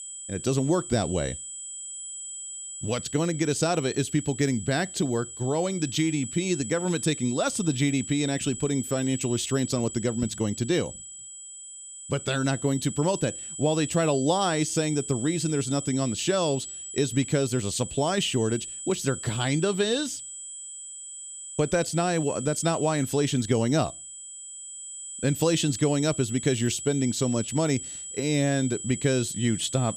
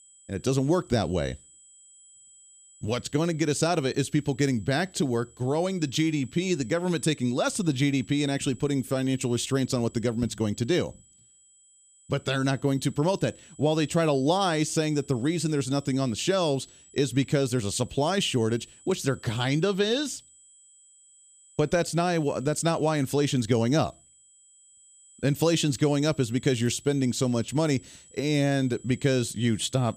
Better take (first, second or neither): second